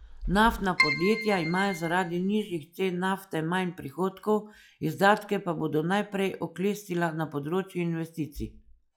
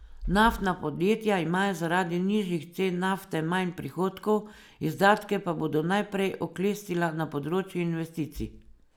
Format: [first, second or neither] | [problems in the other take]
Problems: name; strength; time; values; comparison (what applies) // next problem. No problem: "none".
second | noise reduction (classical method log-MMSE)